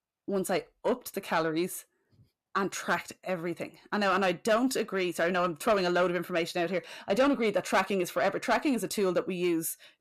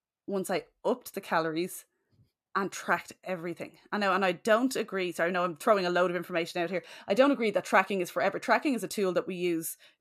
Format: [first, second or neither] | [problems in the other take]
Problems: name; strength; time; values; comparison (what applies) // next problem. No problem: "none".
second | distortion; slight; 10 dB below the speech